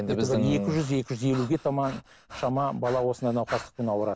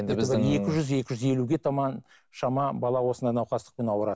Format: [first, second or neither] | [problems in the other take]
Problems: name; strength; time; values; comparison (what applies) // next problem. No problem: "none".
second | background sound (Breathing); 18 dB below the speech